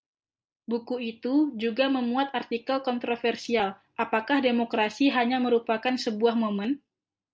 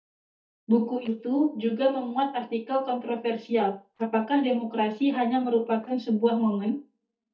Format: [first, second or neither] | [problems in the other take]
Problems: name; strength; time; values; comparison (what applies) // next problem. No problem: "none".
first | noise reduction (neural mask model DeepFilterNet 3)